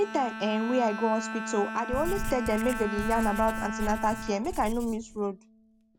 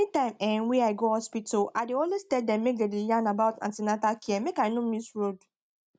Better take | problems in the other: second | background sound (Bowed string instrument + Writing); 6 dB below the speech

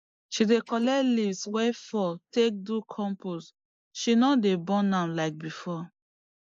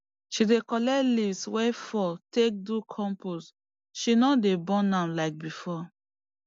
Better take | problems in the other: second | noise reduction (neural mask model Resemble Enhance denoiser)

